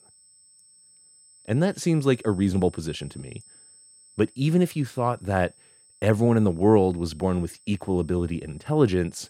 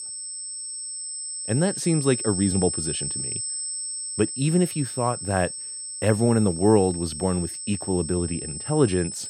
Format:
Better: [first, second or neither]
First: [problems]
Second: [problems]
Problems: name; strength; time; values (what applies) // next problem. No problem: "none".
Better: first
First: high-pitched whine; faint; throughout; 8 kHz, 25 dB below the speech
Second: high-pitched whine; loud; throughout; 8 kHz, 5 dB below the speech